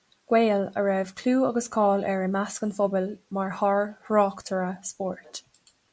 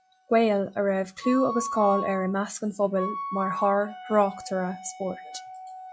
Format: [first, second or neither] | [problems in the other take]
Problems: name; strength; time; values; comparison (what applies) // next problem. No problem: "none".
first | noise reduction (classical method log-MMSE)